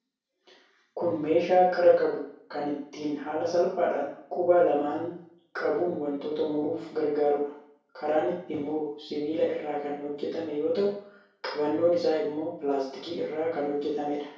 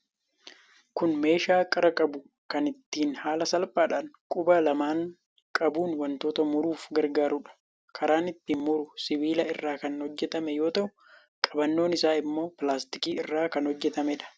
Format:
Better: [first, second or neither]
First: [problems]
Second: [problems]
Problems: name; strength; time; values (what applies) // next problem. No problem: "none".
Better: second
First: room echo; dies away in 0.6 s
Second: none